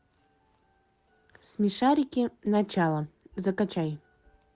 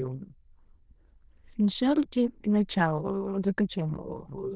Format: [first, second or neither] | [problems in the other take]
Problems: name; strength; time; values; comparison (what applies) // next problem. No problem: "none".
first | noise reduction (neural diffusion model UNIVERSE++)